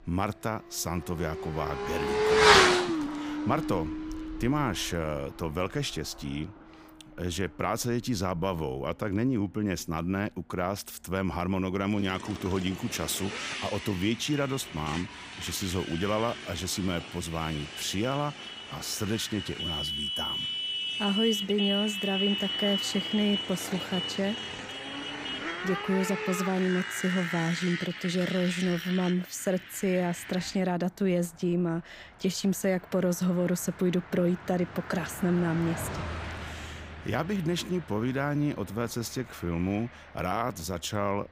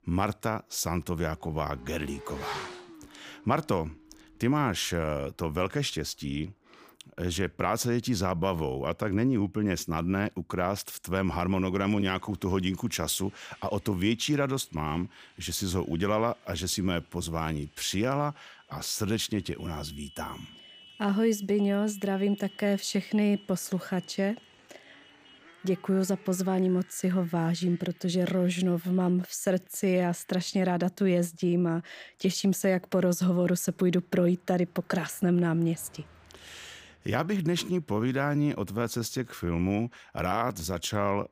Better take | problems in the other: second | traffic noise; loud; throughout; 1 dB below the speech; faint in the second

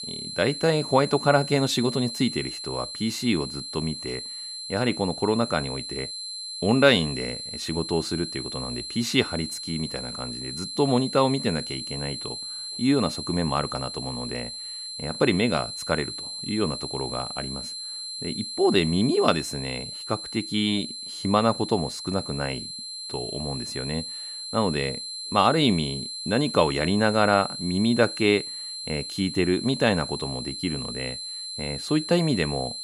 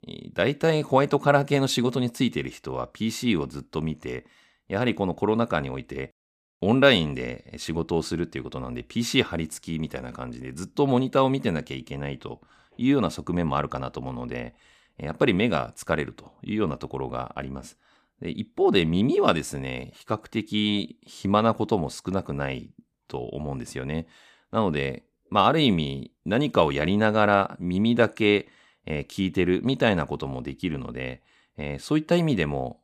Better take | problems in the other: second | high-pitched whine; loud; throughout; 4 kHz, 7 dB below the speech

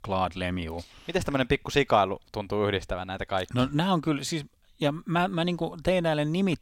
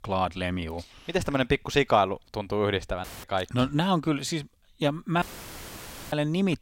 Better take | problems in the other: first | audio cutting out; filled with static; at 3 s and at 5 s for 1 s

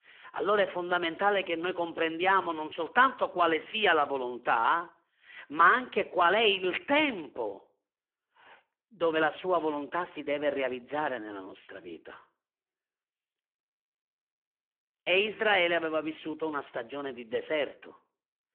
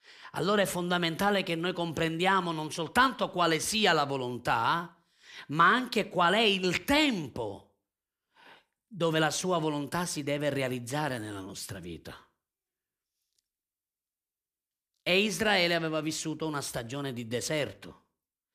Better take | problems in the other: second | phone-call audio; poor line

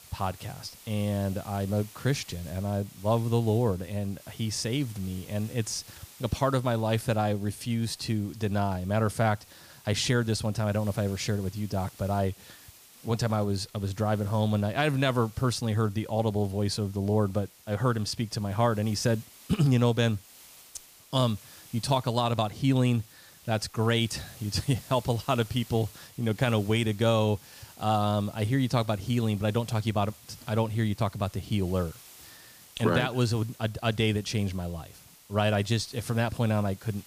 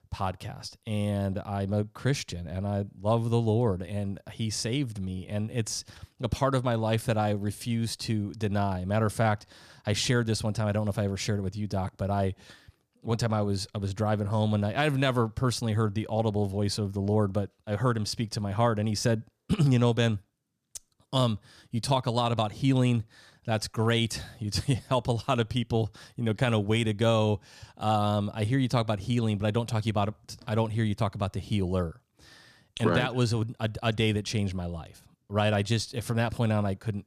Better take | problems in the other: second | hiss; faint; throughout; 20 dB below the speech

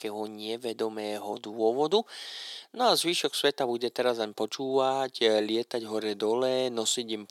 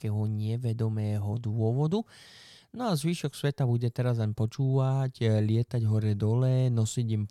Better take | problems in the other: second | thin; very; fading below 350 Hz

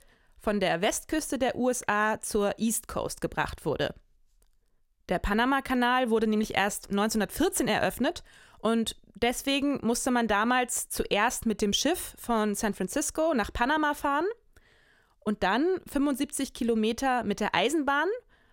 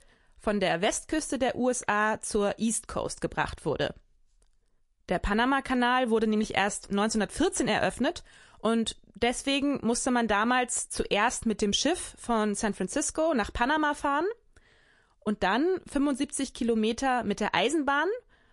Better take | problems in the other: first | garbled, watery; slightly; nothing above 11 kHz

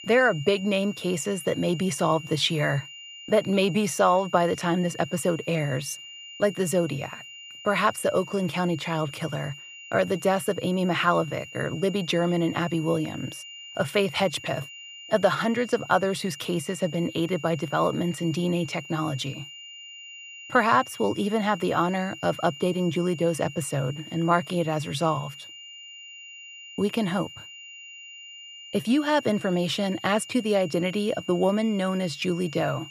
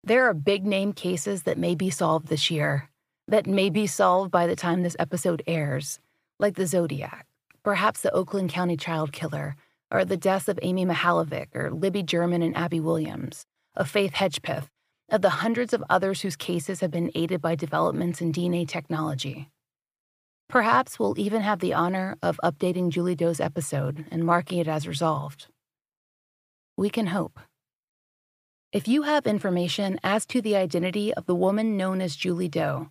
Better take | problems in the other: second | high-pitched whine; noticeable; throughout; 3 kHz, 15 dB below the speech

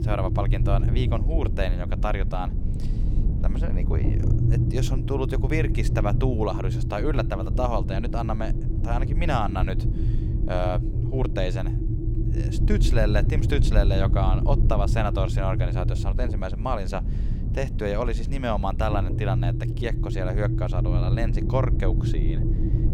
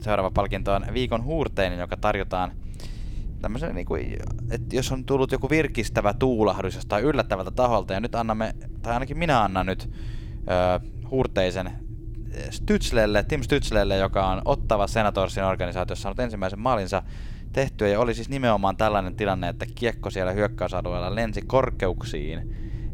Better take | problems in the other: second | low rumble; loud; throughout; 7 dB below the speech; faint in the second

